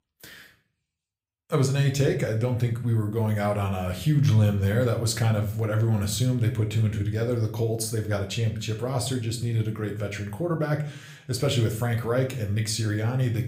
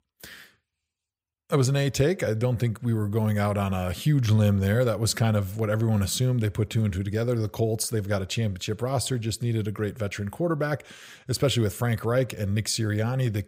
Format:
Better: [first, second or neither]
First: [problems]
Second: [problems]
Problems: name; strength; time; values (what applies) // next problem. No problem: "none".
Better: second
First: room echo; slight; dies away in 0.4 s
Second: none